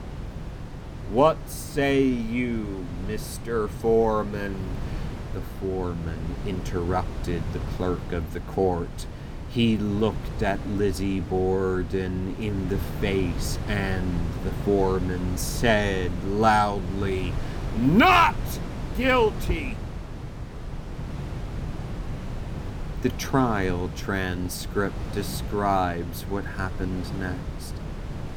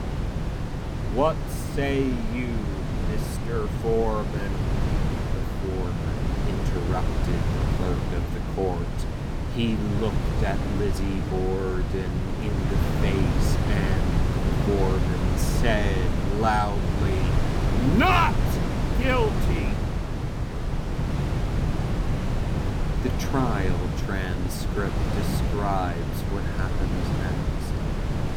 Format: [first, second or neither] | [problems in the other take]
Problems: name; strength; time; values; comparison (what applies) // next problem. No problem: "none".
first | wind noise on the microphone; heavy; 4 dB below the speech; occasional gusts in the first